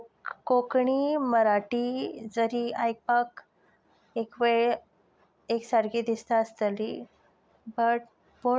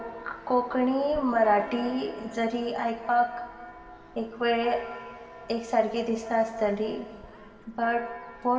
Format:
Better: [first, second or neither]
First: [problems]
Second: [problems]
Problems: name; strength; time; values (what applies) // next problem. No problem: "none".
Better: first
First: none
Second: background sound (Church bell); 17 dB below the speech // room echo; dies away in 2.1 s